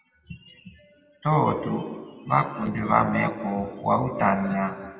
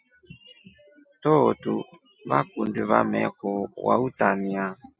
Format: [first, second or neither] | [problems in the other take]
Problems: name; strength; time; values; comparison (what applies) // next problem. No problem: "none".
second | room echo; dies away in 1.9 s